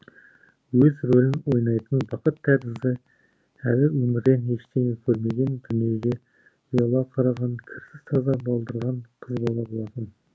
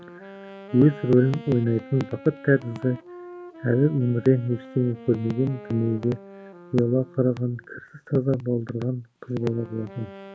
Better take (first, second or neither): first